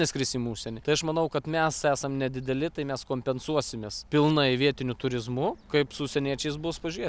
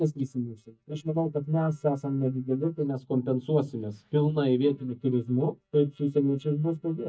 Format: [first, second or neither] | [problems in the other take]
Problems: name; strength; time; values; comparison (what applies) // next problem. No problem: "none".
first | noise reduction (neural mask model DeepFilterNet 3)